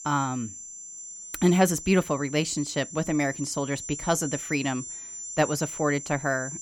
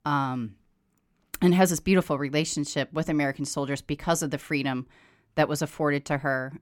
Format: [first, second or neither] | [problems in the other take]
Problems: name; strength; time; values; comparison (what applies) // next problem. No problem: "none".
second | high-pitched whine; loud; throughout; 7 kHz, 10 dB below the speech